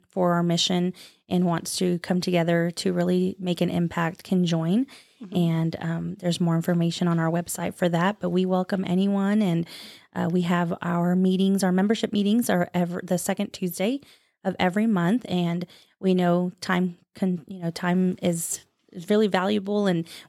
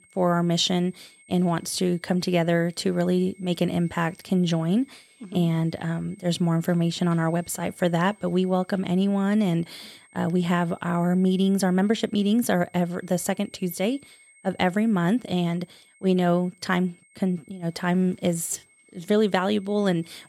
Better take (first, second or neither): first